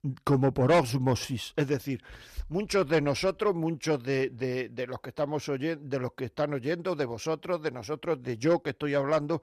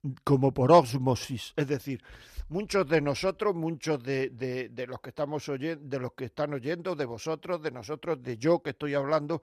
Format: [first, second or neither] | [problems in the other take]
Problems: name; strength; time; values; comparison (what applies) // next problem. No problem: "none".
second | distortion; slight; 10 dB below the speech